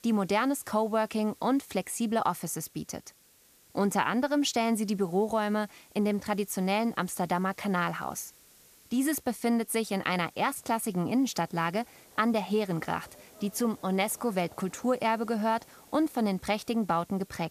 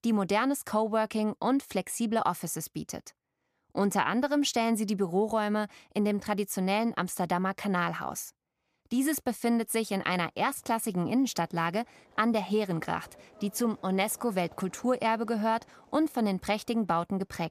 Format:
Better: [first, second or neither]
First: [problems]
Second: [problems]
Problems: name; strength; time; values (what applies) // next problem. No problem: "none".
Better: second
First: hiss; faint; throughout; 25 dB below the speech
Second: none